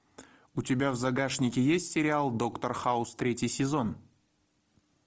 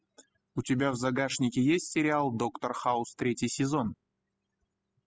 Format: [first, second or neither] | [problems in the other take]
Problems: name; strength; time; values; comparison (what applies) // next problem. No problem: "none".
first | noise reduction (classical method spectral subtraction)